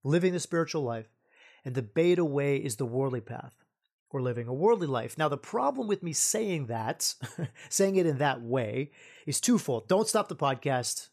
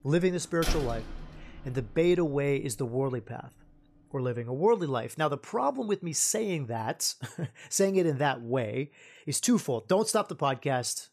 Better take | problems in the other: first | door banging; noticeable; from 0.5 to 2 s; peak 5 dB below the speech

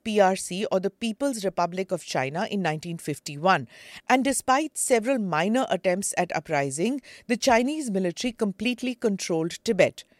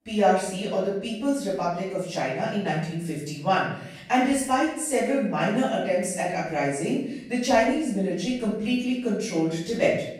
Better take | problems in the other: first | room echo; noticeable; dies away in 0.7 s // off-mic speech; far

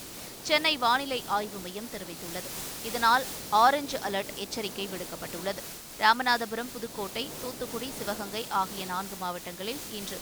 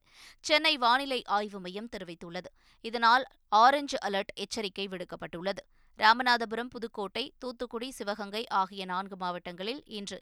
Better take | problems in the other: second | hiss; loud; throughout; 10 dB below the speech

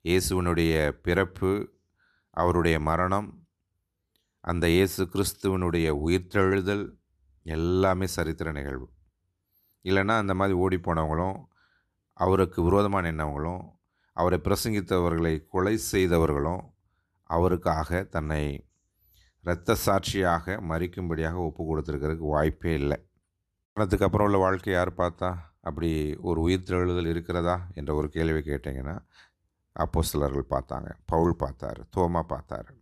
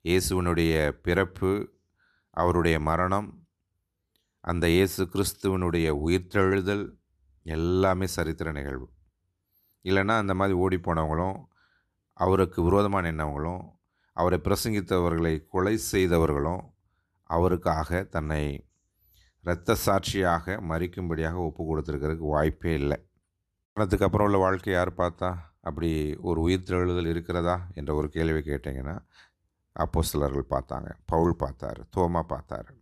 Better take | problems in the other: neither | none

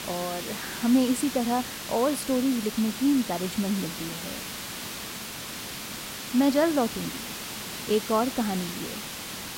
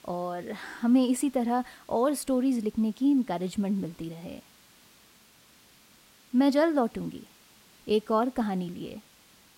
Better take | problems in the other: second | hiss; loud; throughout; 8 dB below the speech; faint in the second

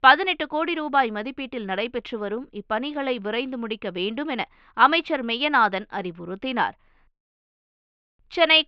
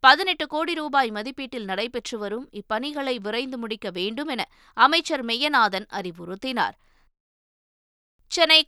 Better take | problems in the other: second | muffled; slightly; fading above 3 kHz

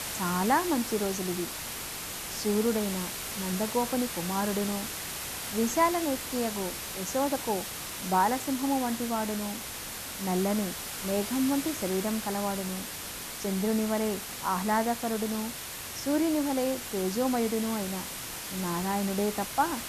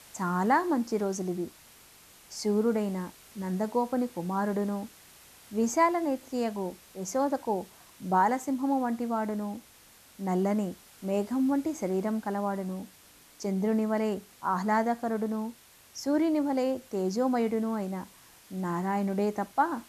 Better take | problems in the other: second | hiss; loud; throughout; 5 dB below the speech; faint in the second

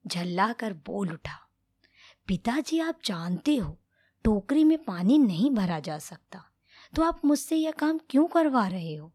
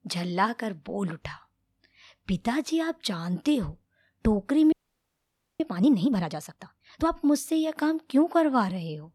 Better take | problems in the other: first | audio freezing; at 4.5 s for 1 s

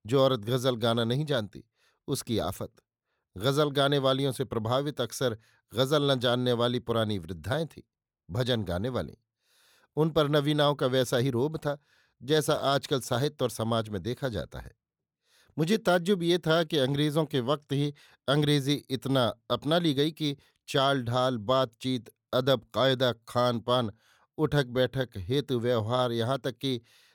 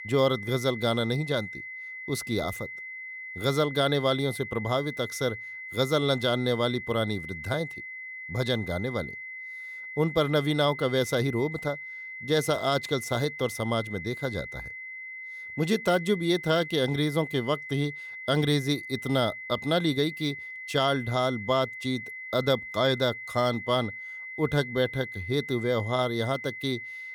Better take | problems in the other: first | high-pitched whine; loud; throughout; 2 kHz, 10 dB below the speech

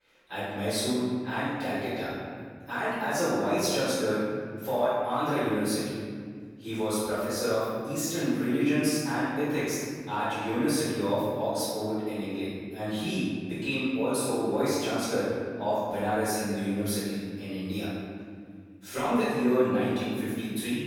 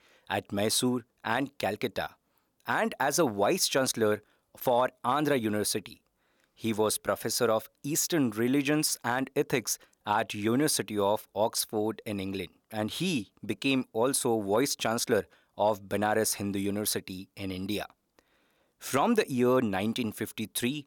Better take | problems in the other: second | off-mic speech; far // room echo; strong; dies away in 2.2 s

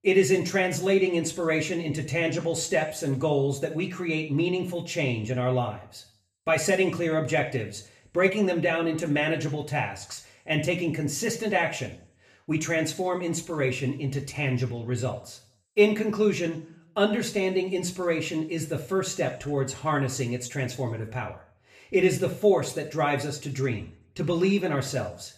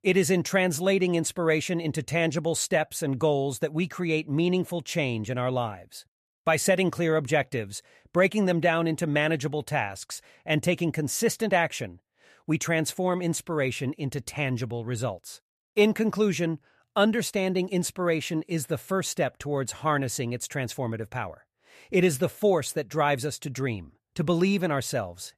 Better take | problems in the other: second | room echo; slight; dies away in 0.5 s // off-mic speech; somewhat distant

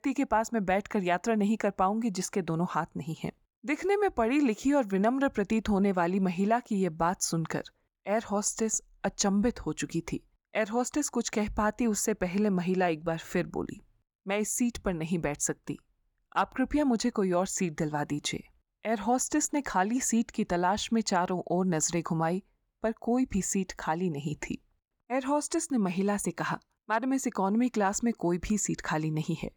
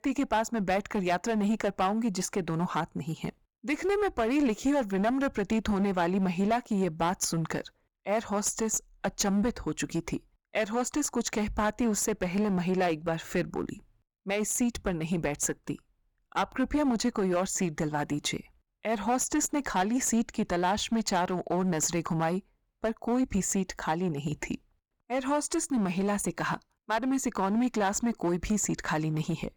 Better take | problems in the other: first | distortion; slight; 9% of the sound clipped

